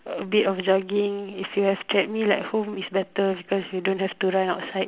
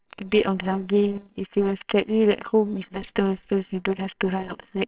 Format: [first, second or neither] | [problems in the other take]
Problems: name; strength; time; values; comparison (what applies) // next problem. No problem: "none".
first | noise reduction (neural separator model SepFormer WHAMR!)